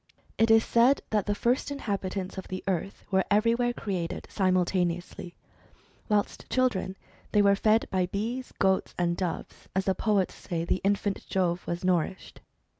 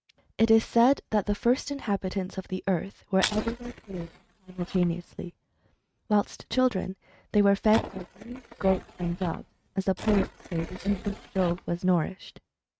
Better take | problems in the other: first | noise reduction (neural mask model RNNoise)

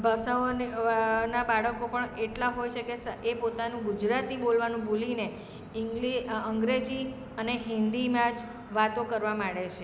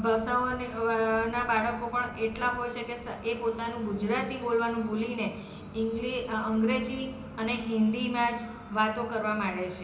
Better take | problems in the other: first | room echo; dies away in 0.4 s

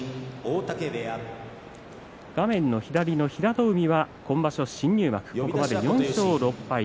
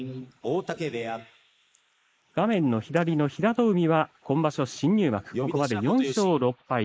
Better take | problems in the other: first | noise reduction (neural mask model Resemble Enhance denoiser)

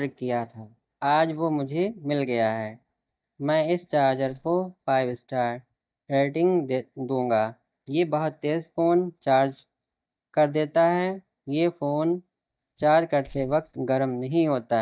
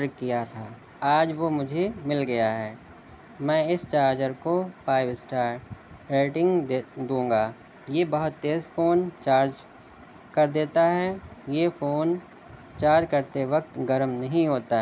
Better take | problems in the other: second | noise reduction (neural mask model DeepFilterNet 3)

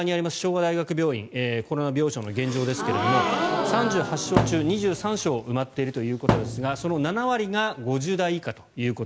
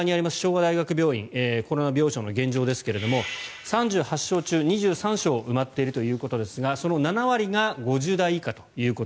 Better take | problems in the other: second | background sound (Thump, thud + Gasp); 1 dB below the speech

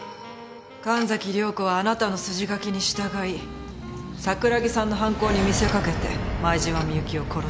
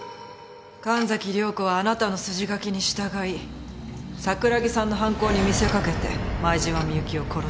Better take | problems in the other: second | background sound (Wind instrument, woodwind instrument); 20 dB below the speech

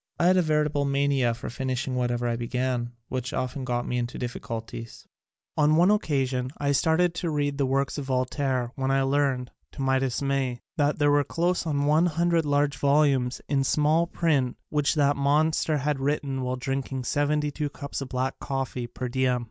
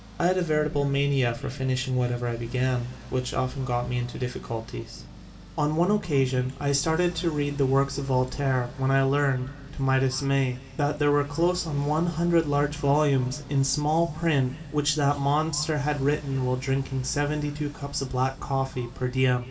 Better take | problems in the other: first | background sound (Accelerating, revving, vroom); 18 dB below the speech // room echo; dies away in 2.4 s

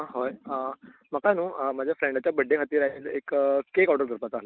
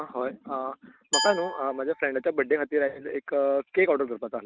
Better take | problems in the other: first | background sound (Glass); 7 dB below the speech

